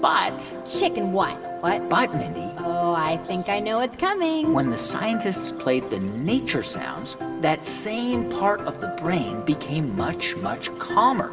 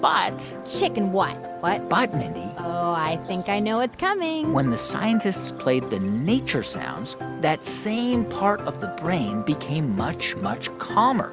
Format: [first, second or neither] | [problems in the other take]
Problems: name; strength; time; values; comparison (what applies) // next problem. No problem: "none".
second | room echo; dies away in 1.1 s